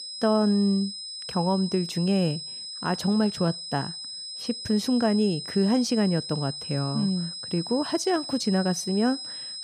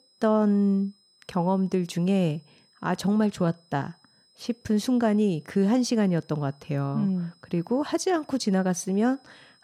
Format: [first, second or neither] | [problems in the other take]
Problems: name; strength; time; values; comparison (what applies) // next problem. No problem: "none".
second | high-pitched whine; loud; throughout; 5 kHz, 8 dB below the speech; faint in the second